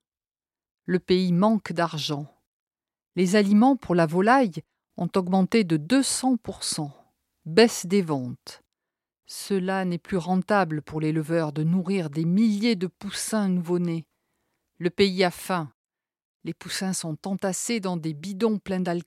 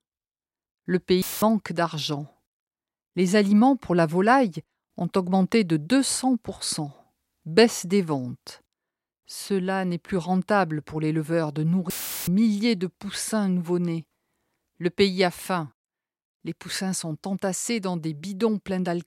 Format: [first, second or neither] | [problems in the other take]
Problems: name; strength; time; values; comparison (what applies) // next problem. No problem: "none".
first | audio cutting out; filled with static; at 1 s and at 12 s